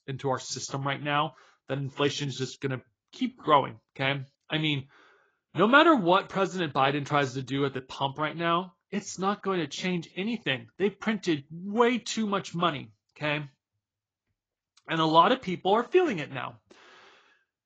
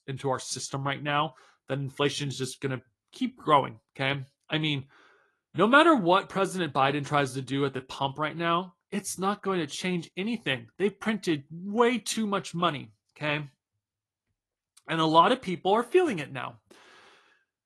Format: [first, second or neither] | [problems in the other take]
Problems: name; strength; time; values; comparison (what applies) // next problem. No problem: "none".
second | garbled, watery; badly; nothing above 7.5 kHz; slightly in the second